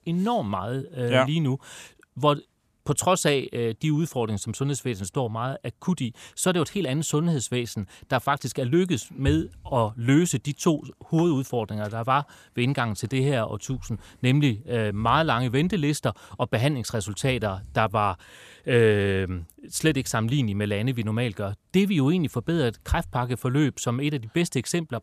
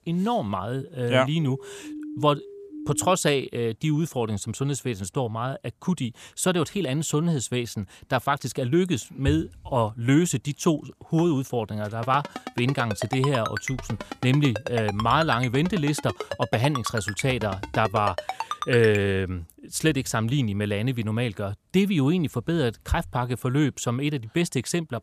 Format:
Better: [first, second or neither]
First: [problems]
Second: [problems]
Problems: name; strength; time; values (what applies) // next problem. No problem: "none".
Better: first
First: none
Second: siren; faint; from 1.5 to 3 s; peak 10 dB below the speech // phone ringing; noticeable; from 12 to 19 s; peak 6 dB below the speech